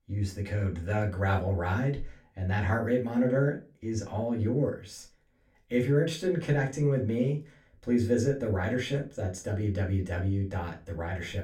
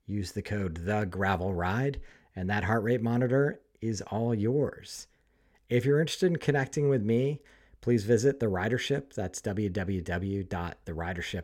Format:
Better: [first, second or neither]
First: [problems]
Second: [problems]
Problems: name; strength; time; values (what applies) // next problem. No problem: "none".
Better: second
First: off-mic speech; far // room echo; very slight; dies away in 0.2 s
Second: none